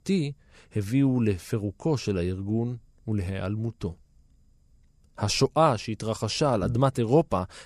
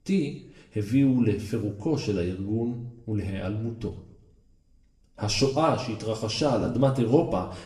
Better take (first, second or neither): first